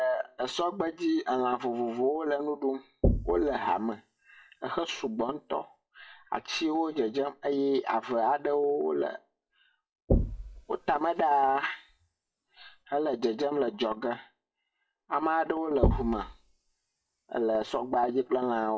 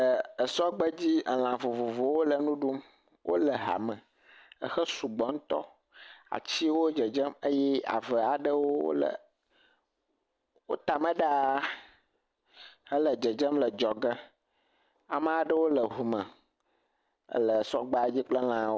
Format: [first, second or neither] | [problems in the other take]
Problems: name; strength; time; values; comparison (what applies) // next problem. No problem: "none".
second | noise reduction (classical method WPE with log-MMSE)